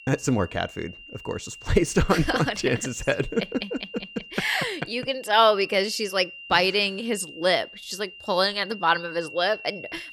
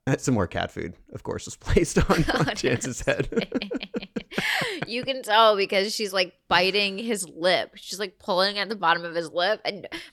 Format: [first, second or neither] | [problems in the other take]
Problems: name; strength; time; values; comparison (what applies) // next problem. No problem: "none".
second | high-pitched whine; noticeable; throughout; 3 kHz, 15 dB below the speech